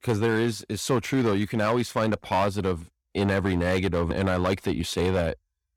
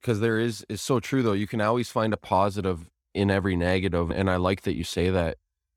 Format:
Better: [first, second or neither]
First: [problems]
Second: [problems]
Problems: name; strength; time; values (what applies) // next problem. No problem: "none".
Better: second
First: distortion; slight; 7% of the sound clipped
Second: none